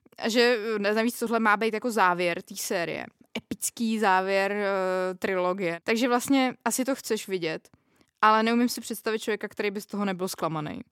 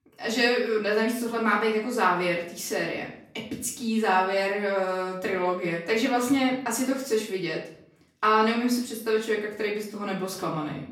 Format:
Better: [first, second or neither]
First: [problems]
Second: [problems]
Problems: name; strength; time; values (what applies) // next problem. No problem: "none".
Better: first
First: none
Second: off-mic speech; far // room echo; slight; dies away in 0.5 s